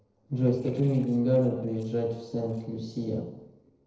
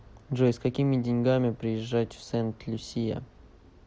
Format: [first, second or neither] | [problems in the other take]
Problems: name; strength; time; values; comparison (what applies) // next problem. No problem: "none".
second | noise reduction (neural separator model SepFormer DNS4)